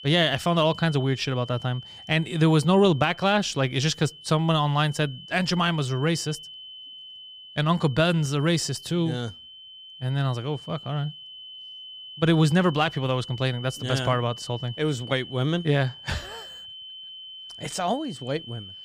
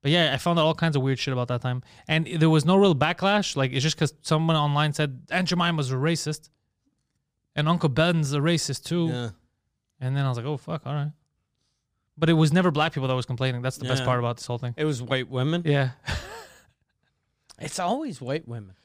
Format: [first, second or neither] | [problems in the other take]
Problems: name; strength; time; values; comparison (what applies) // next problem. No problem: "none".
second | high-pitched whine; noticeable; throughout; 3 kHz, 15 dB below the speech